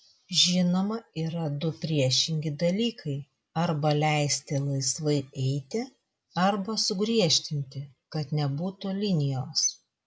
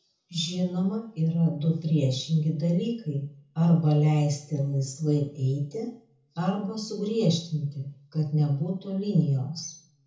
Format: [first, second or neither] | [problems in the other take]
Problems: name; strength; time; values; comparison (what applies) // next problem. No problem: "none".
first | room echo; dies away in 0.5 s